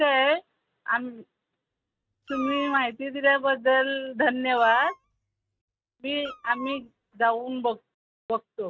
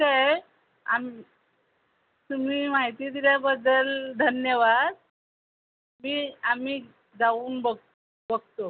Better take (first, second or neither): second